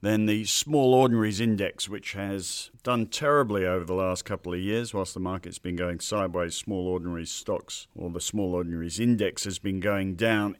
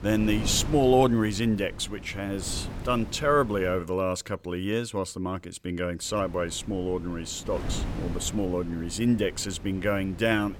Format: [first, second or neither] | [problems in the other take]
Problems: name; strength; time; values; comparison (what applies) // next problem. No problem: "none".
first | wind noise on the microphone; occasional gusts; until 4 s and from 6 s on; 15 dB below the speech